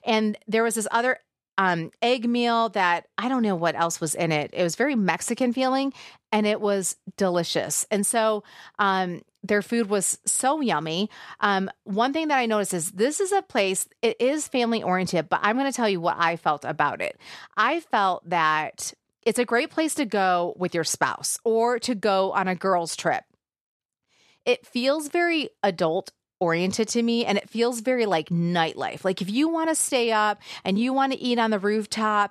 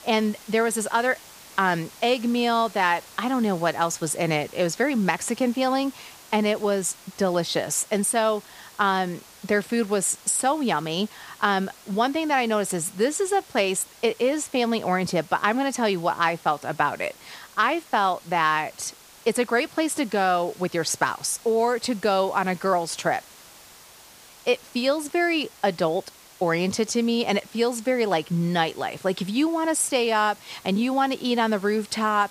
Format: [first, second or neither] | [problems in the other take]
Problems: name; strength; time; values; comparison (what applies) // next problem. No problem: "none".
first | hiss; faint; throughout; 20 dB below the speech